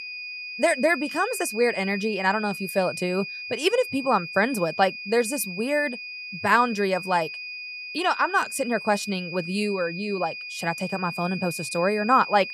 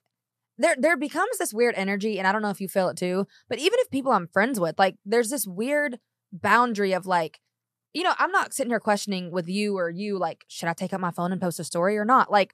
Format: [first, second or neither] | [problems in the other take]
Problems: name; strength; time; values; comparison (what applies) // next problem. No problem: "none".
second | high-pitched whine; loud; throughout; 2.5 kHz, 9 dB below the speech